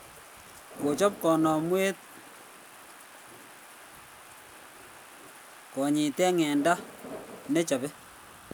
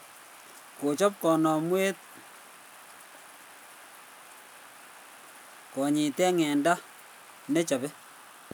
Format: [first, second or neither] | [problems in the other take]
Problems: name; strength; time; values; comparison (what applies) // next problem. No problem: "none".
second | background sound (Thunder); 18 dB below the speech